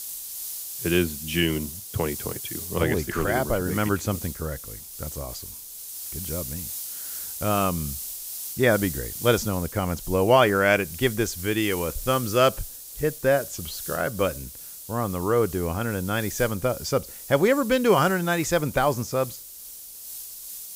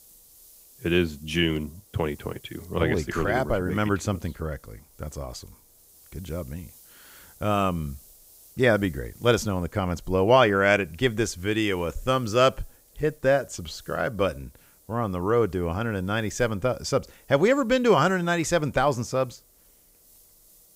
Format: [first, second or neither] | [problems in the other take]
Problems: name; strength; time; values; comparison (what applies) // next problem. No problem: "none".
second | hiss; loud; throughout; 10 dB below the speech; faint in the second